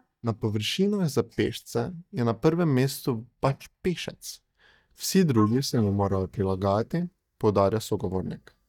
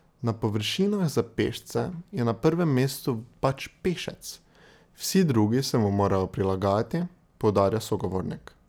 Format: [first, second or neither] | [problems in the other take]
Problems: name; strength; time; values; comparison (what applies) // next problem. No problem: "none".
second | noise reduction (neural mask model DeepFilterNet 3)